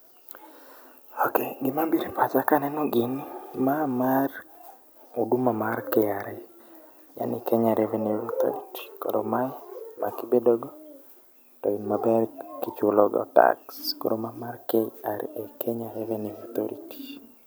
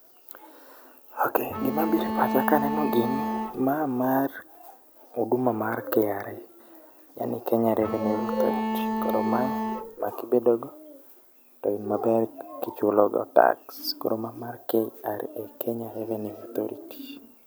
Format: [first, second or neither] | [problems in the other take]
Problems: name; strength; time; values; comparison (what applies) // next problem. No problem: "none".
first | background sound (Bowed string instrument); 2 dB below the speech